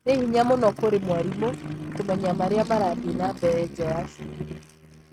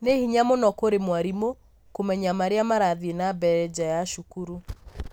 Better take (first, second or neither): second